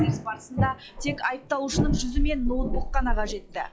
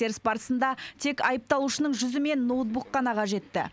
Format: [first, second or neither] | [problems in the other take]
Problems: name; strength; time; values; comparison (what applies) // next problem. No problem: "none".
second | noise reduction (classical method log-MMSE)